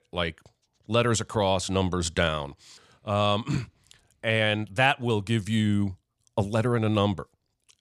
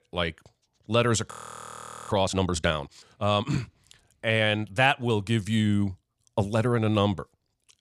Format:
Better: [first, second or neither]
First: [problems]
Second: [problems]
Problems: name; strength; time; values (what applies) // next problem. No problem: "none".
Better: first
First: none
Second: audio freezing; at 1.5 s for 1 s